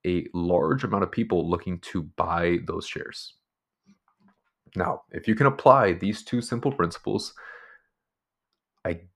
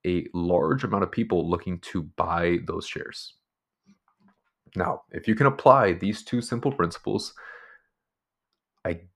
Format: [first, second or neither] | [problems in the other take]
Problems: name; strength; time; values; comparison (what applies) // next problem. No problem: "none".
neither | muffled; slightly; fading above 3 kHz; the same in both